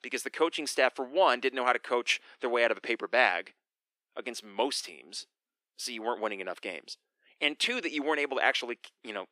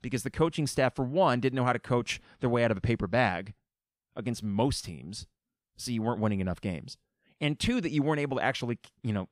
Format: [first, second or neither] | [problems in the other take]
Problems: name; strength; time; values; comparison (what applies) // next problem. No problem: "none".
second | thin; very; fading below 300 Hz